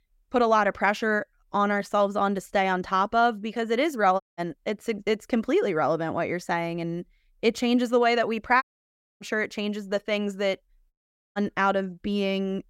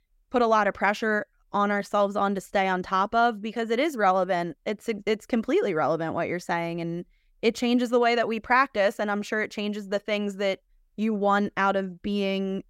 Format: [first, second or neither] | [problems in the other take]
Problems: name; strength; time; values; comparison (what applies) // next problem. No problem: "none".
second | audio cutting out; at 4 s, at 8.5 s for 0.5 s and at 11 s